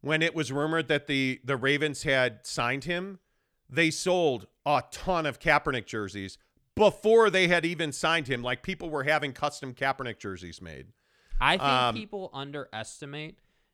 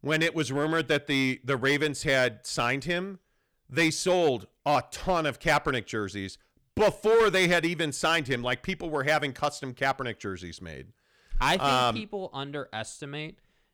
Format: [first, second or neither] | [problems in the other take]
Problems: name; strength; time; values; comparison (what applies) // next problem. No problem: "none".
first | distortion; slight; 4% of the sound clipped